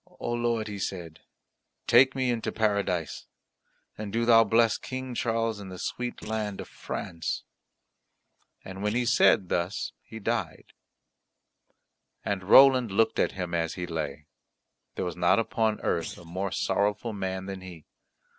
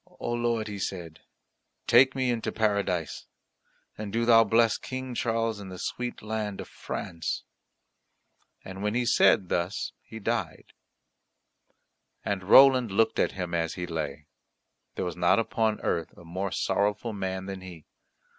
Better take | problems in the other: second | noise reduction (neural separator model SepFormer DNS4)

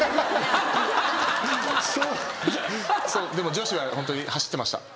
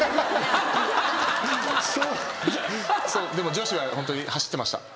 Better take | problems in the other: first | background sound (Trumpet); 18 dB below the speech

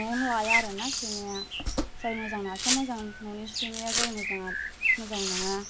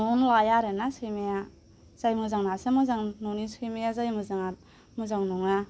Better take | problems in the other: second | background sound (Domestic sounds, home sounds + Bird); 2 dB above the speech

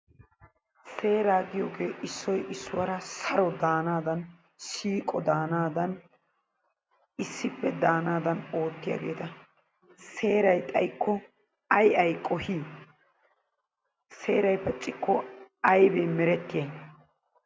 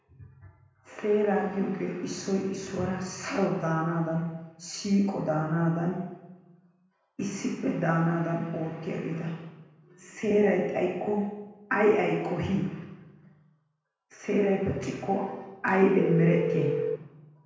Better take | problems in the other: first | background sound (Telephone); as loud as the speech // room echo; dies away in 1 s

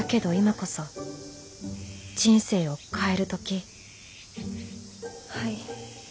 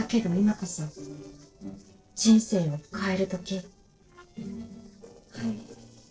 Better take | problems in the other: first | noise reduction (neural separator model SepFormer DNS4)

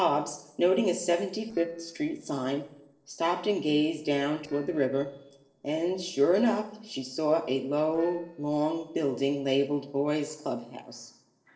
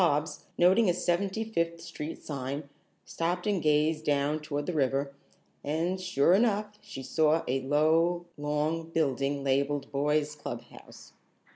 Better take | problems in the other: second | noise reduction (neural separator model SepFormer DNS4)

